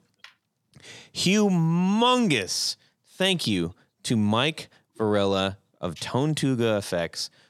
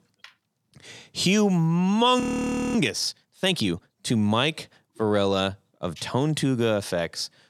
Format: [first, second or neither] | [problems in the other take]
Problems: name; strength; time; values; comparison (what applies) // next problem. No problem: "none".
first | audio freezing; at 2 s for 0.5 s